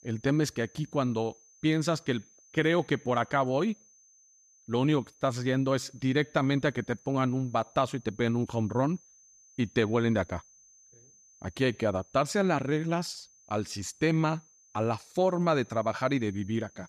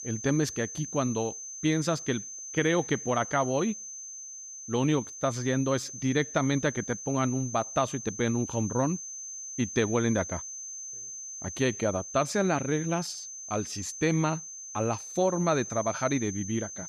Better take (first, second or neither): first